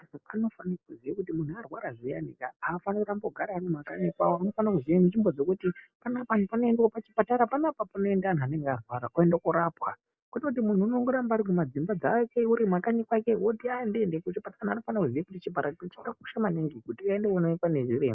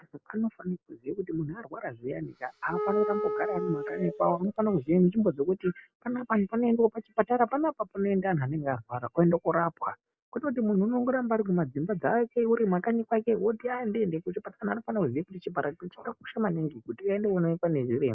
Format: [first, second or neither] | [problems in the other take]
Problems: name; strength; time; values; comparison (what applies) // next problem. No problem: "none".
first | background sound (Wind instrument, woodwind instrument); 6 dB below the speech